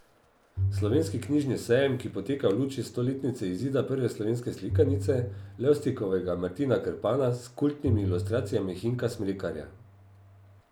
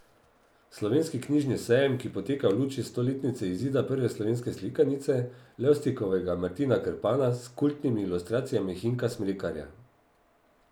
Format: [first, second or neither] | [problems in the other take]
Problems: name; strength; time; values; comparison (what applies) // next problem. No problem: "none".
second | background sound (Bowed string instrument); 7 dB below the speech